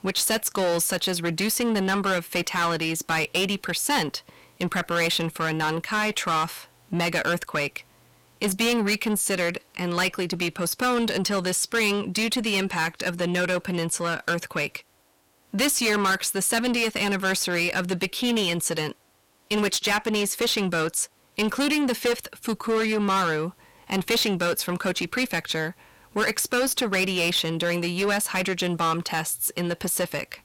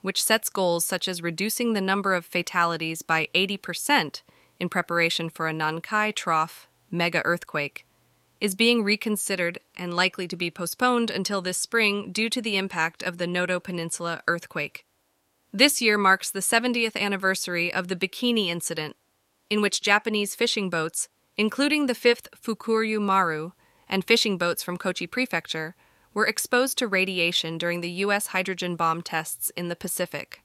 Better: second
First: distortion; heavy; 6 dB below the speech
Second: none

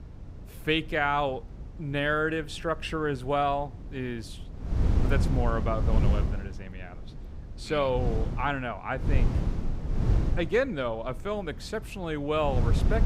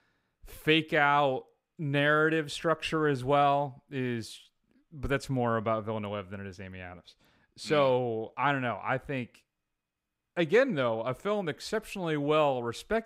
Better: second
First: wind noise on the microphone; occasional gusts; 10 dB below the speech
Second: none

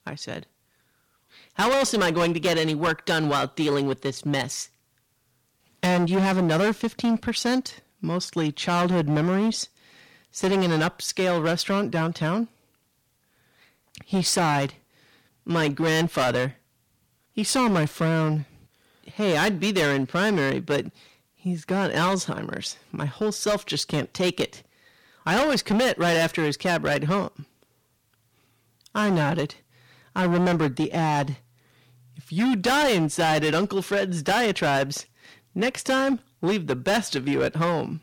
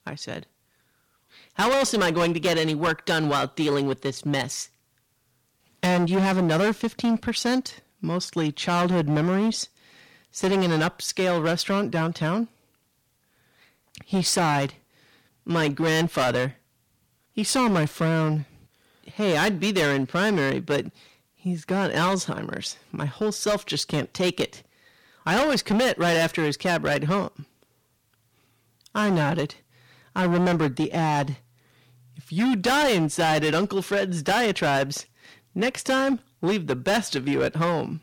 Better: neither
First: distortion; heavy; 13% of the sound clipped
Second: distortion; heavy; 13% of the sound clipped

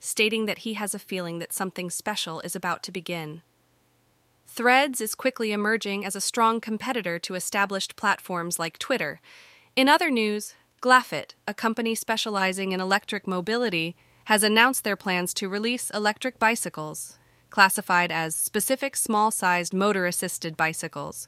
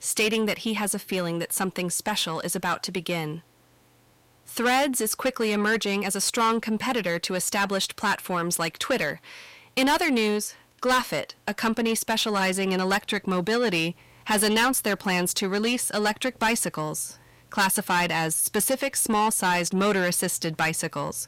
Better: first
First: none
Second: distortion; heavy; 7 dB below the speech

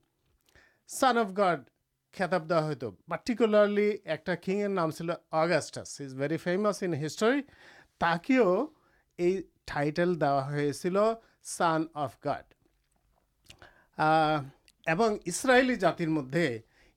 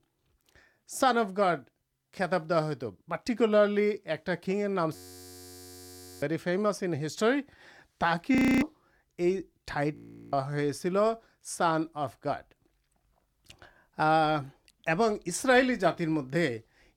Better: first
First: none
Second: audio freezing; at 5 s for 1.5 s, at 8.5 s and at 10 s

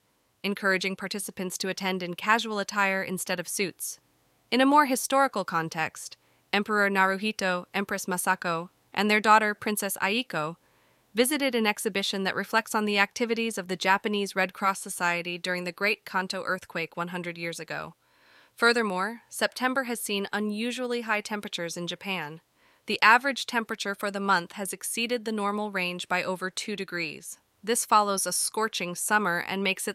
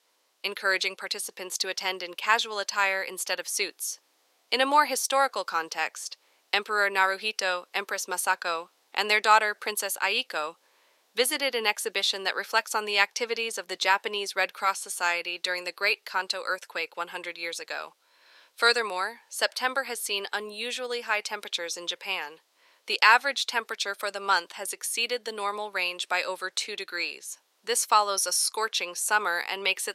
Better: first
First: none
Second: thin; very; fading below 400 Hz

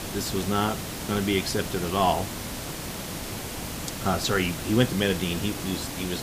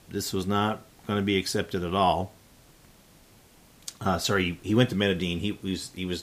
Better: second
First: hiss; loud; throughout; 6 dB below the speech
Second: hiss; faint; throughout; 30 dB below the speech

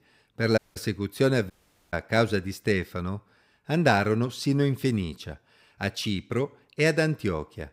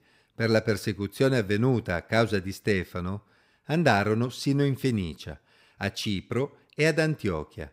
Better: second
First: audio cutting out; at 0.5 s and at 1.5 s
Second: none

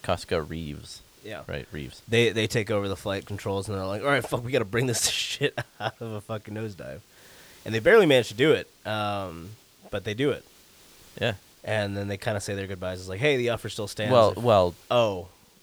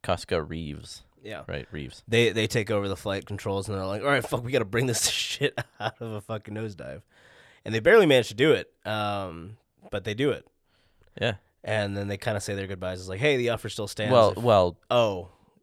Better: second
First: hiss; faint; throughout; 30 dB below the speech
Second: none

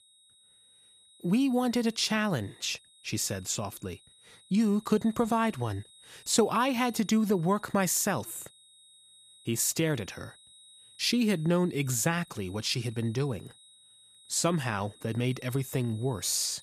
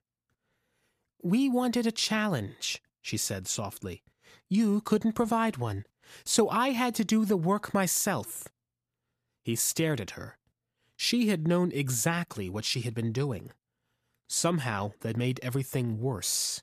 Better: second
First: high-pitched whine; faint; throughout; 4 kHz, 25 dB below the speech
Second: none

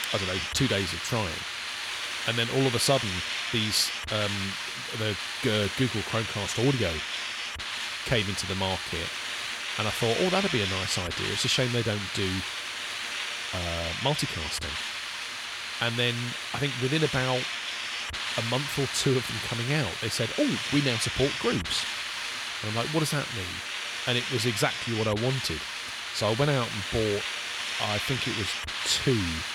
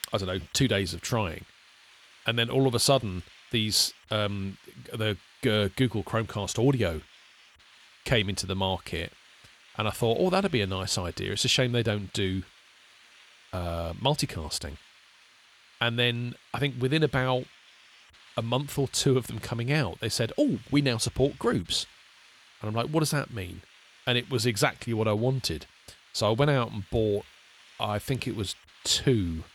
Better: second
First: hiss; loud; throughout; 2 dB below the speech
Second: hiss; faint; throughout; 25 dB below the speech

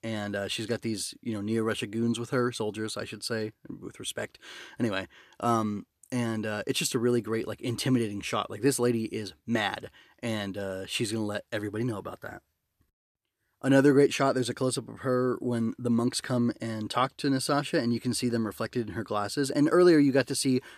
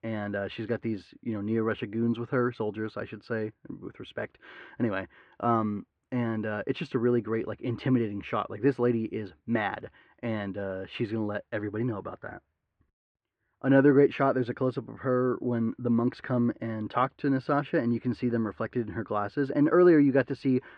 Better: first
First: none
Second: muffled; very; fading above 2 kHz

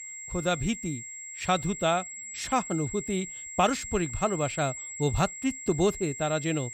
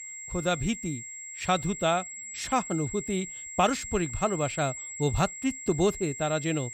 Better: neither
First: high-pitched whine; loud; throughout; 7.5 kHz, 8 dB below the speech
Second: high-pitched whine; loud; throughout; 7.5 kHz, 8 dB below the speech

